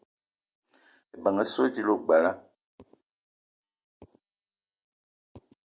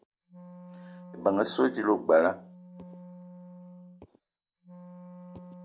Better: first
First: none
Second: background sound (Wind instrument, woodwind instrument); 17 dB below the speech

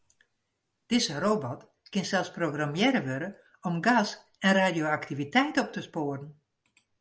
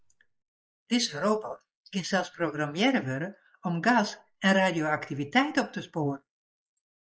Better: first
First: none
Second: noise reduction (neural mask model Resemble Enhance denoiser)

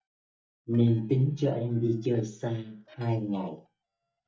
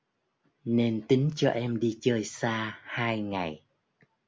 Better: second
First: noise reduction (neural mask model DeepFilterNet 3)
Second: none

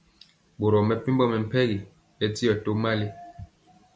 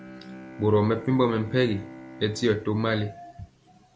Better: first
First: none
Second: background sound (Bowed string instrument); 17 dB below the speech

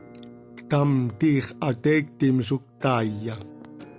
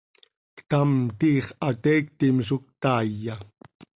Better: second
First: background sound (Musical instrument); 20 dB below the speech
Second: none

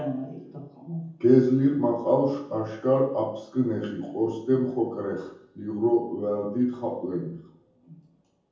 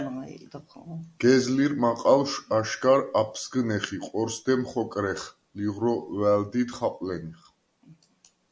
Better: second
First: room echo; dies away in 0.7 s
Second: none

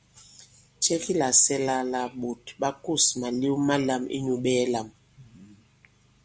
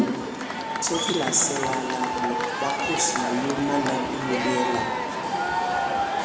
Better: first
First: none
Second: background sound (Crowd / Cheering); 2 dB above the speech // room echo; dies away in 1.1 s

